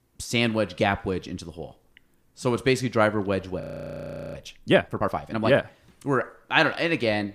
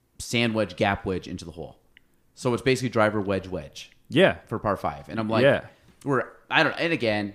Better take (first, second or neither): second